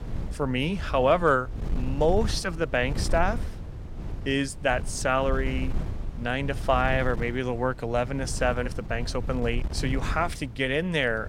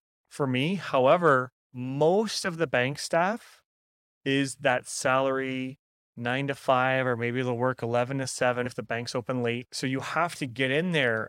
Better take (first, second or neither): second